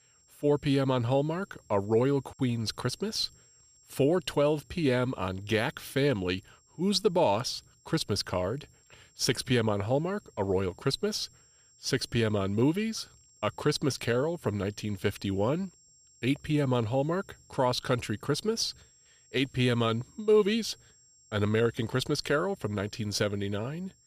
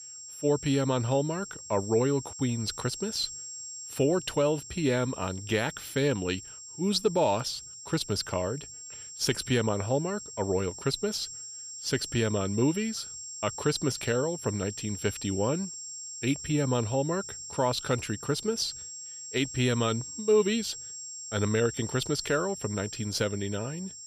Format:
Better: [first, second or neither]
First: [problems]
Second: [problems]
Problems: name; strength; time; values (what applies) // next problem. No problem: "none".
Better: first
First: high-pitched whine; faint; throughout; 7.5 kHz, 30 dB below the speech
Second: high-pitched whine; loud; throughout; 7.5 kHz, 10 dB below the speech